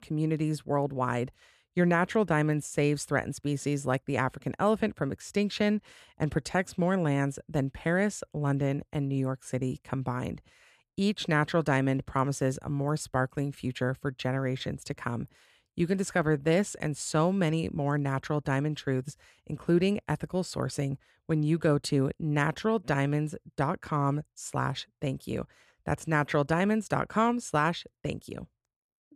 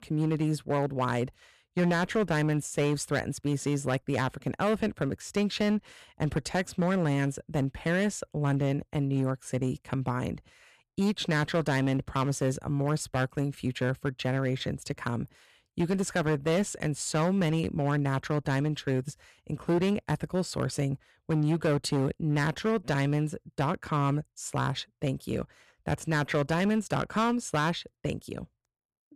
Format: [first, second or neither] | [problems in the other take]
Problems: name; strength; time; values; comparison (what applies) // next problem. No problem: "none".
first | distortion; slight; 7% of the sound clipped